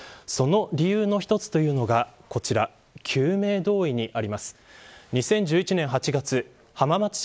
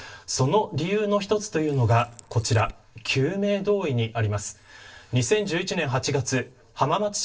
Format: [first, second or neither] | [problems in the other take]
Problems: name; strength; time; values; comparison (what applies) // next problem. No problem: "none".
first | noise reduction (neural separator model SepFormer DNS4)